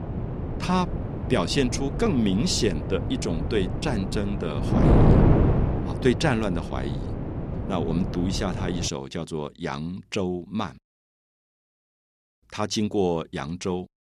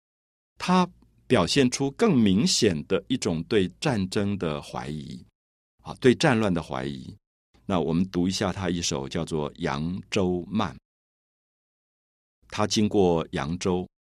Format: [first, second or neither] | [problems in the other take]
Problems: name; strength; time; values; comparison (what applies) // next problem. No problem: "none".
second | wind noise on the microphone; heavy; until 9 s; 3 dB below the speech